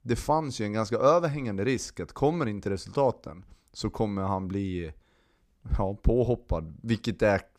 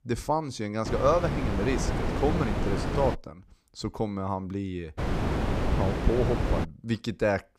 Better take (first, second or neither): first